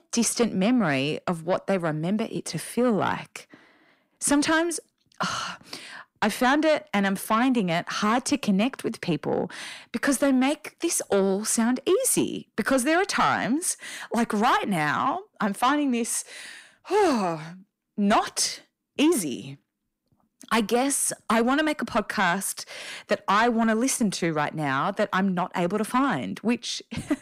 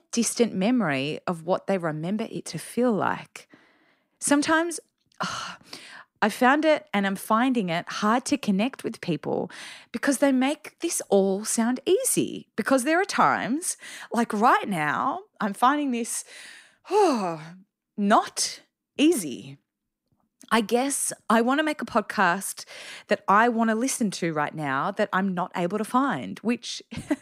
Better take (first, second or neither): second